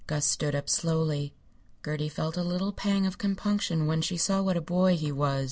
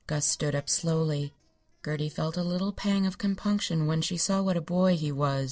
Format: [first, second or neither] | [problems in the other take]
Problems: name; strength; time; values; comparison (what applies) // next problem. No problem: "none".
first | noise reduction (neural separator model SepFormer DNS4)